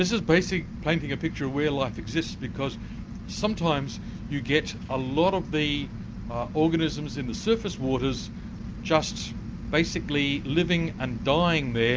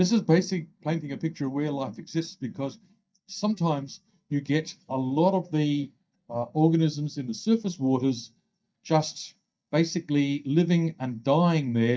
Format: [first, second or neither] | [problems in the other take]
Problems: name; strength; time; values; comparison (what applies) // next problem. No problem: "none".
first | noise reduction (neural mask model DeepFilterNet 3)